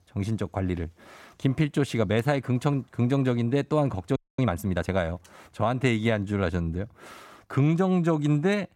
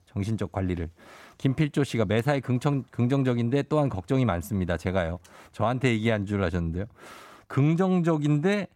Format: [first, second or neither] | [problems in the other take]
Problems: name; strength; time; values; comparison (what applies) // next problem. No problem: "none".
second | audio freezing; at 4 s